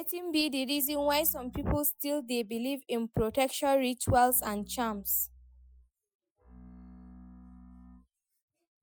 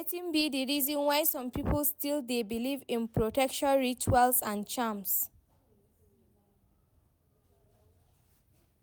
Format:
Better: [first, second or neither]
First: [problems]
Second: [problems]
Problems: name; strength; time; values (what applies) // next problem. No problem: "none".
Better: second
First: noise reduction (classical method Wiener filter)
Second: none